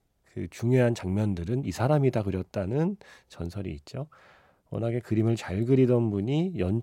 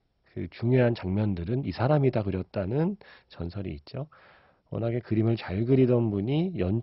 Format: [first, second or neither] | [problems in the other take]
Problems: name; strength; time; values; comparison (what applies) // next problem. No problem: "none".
first | garbled, watery; badly; nothing above 5.5 kHz